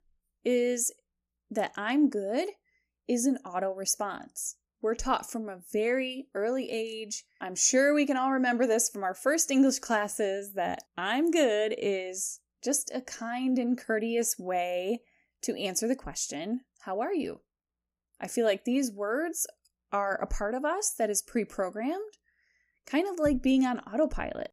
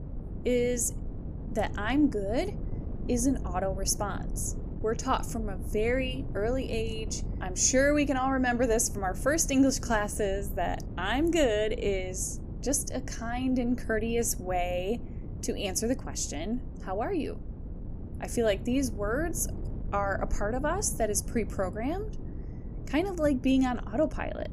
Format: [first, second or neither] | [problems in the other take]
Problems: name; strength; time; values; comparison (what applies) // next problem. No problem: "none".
first | wind noise on the microphone; occasional gusts; 20 dB below the speech